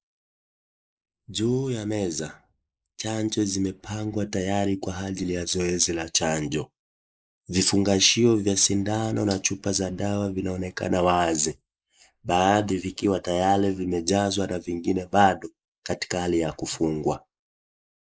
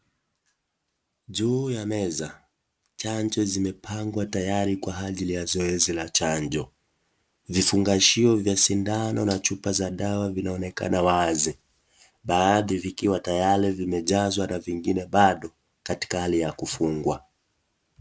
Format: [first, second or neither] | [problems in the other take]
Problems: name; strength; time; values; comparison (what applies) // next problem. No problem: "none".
second | noise reduction (neural mask model Resemble Enhance denoiser)